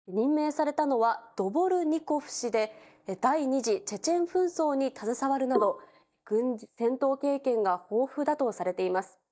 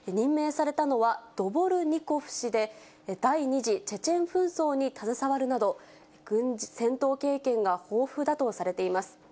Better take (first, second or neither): second